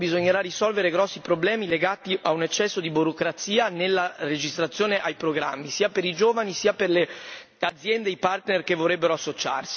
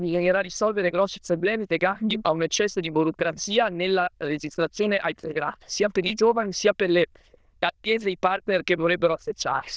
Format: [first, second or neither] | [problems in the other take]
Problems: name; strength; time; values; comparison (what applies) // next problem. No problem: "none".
first | noise reduction (neural diffusion model UNIVERSE++)